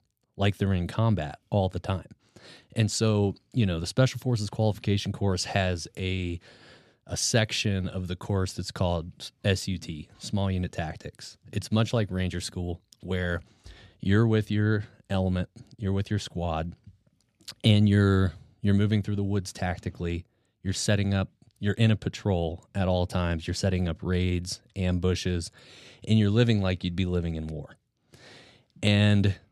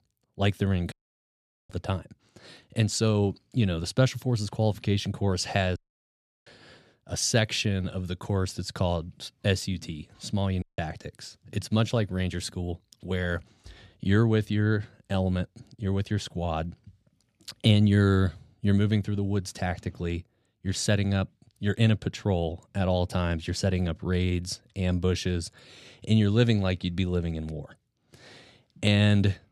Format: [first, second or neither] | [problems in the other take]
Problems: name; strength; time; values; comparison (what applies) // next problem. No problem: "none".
first | audio cutting out; at 1 s for 1 s, at 6 s for 0.5 s and at 11 s